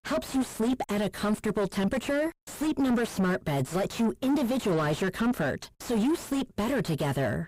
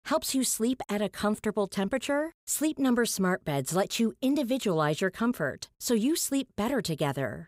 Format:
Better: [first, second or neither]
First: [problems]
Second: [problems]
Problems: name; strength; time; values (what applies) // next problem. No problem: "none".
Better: second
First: distortion; heavy; 5 dB below the speech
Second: none